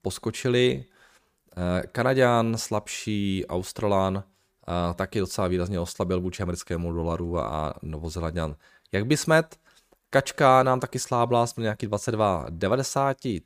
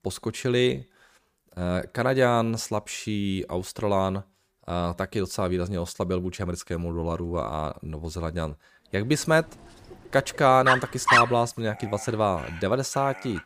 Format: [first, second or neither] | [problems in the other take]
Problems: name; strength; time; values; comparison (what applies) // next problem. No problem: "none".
first | animal sounds; very loud; from 9 s on; 4 dB above the speech